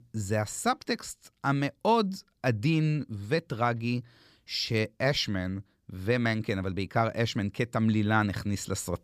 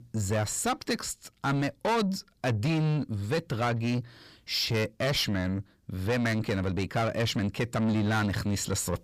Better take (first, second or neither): first